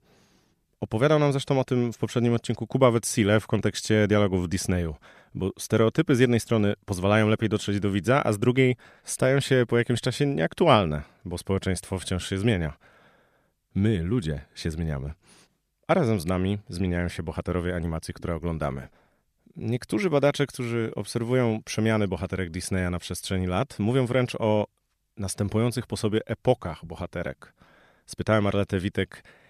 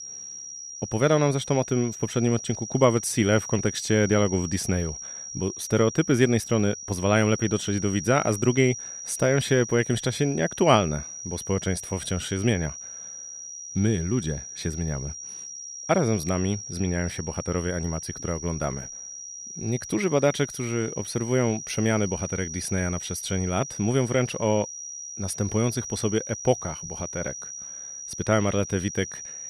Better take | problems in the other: first | high-pitched whine; loud; throughout; 5.5 kHz, 9 dB below the speech

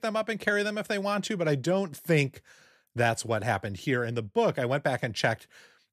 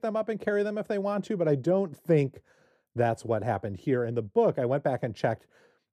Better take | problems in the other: first | muffled; slightly; fading above 1.5 kHz

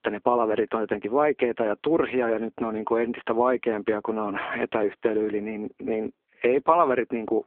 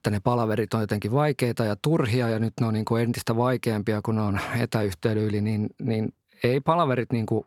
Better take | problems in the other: second | phone-call audio; poor line

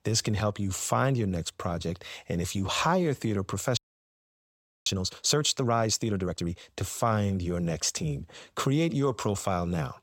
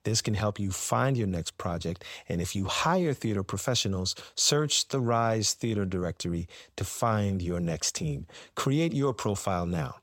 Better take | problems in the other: second | audio freezing; at 4 s for 1 s

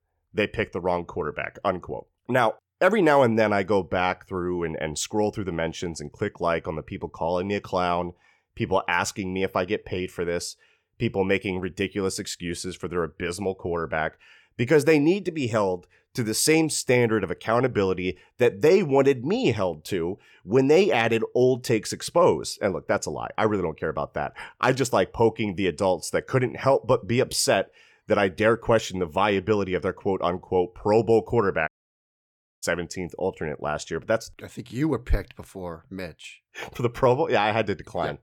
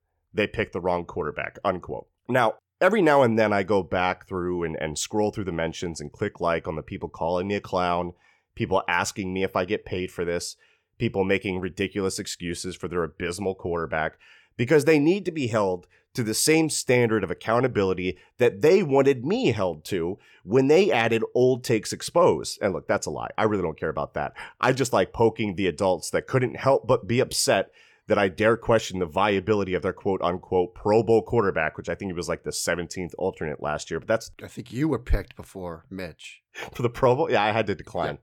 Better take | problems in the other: second | audio cutting out; at 32 s for 1 s

